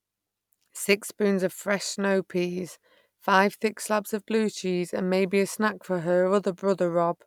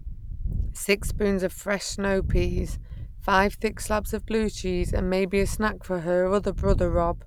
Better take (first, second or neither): first